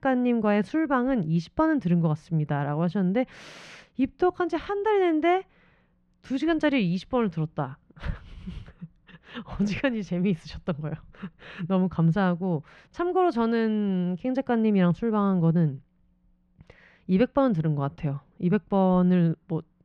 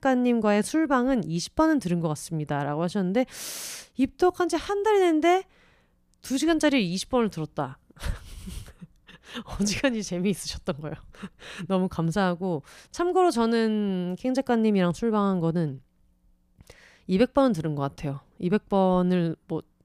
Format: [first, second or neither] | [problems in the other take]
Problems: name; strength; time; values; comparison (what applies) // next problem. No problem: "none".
second | muffled; slightly; fading above 2.5 kHz